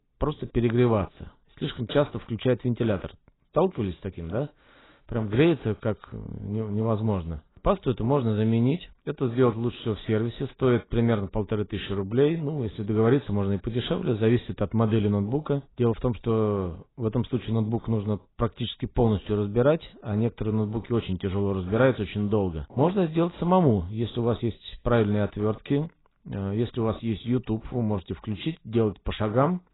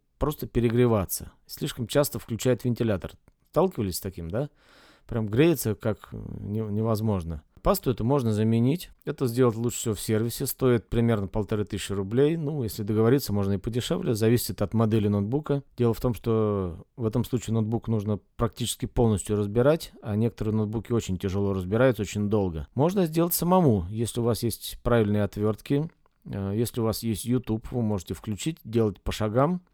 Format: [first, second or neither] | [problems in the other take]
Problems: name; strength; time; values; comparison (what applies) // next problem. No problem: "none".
second | garbled, watery; badly; nothing above 4 kHz